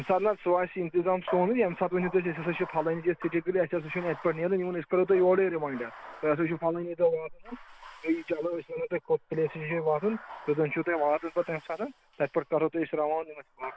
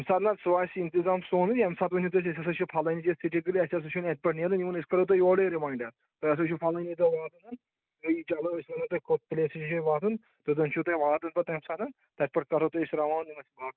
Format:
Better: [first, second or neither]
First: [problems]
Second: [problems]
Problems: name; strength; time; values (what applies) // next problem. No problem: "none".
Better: second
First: background sound (Bathtub (filling or washing)); 19 dB below the speech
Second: none